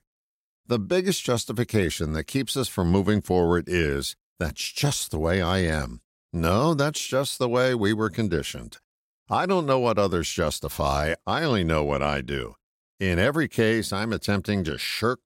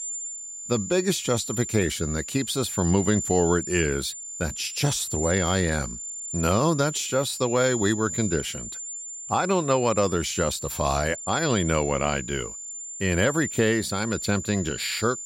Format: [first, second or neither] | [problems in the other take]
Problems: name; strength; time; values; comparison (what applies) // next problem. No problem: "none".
first | high-pitched whine; loud; throughout; 7 kHz, 7 dB below the speech